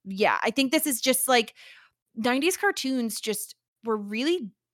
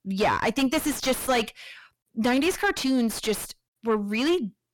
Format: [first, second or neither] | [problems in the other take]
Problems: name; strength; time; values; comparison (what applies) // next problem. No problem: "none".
first | distortion; heavy; 5 dB below the speech